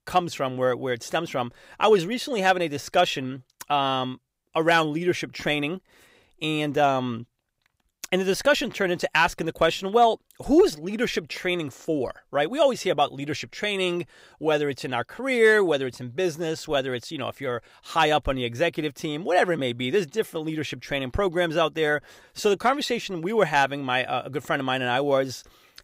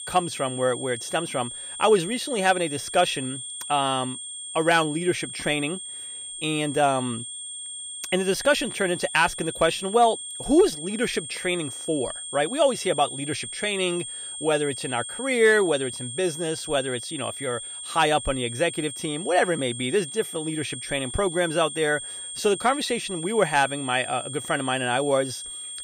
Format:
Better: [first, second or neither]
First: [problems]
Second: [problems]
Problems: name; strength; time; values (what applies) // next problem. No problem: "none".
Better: first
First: none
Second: high-pitched whine; loud; throughout; 8.5 kHz, 8 dB below the speech